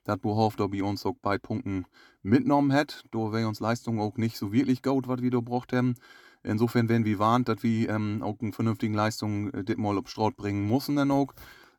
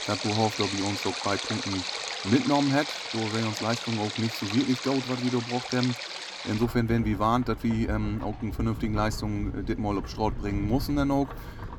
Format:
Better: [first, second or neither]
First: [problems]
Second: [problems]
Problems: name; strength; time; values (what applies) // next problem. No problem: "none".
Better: first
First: none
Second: rain or running water; loud; throughout; 5 dB below the speech